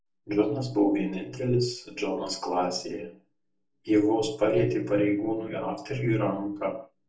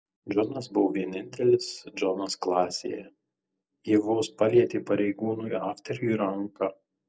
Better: second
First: room echo; dies away in 0.3 s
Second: none

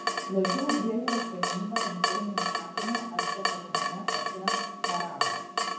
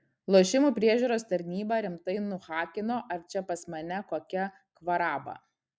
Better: second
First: background sound (Drip / Water tap, faucet); 3 dB above the speech // room echo; dies away in 0.9 s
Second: none

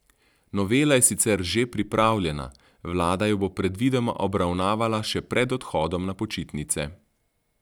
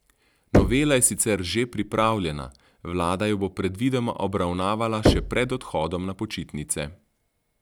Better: first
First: none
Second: background sound (Knock); 3 dB below the speech

